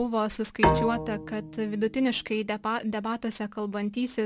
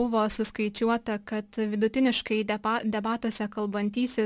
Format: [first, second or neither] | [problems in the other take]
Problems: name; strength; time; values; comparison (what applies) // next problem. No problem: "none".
second | background sound (Bowed string instrument); 2 dB below the speech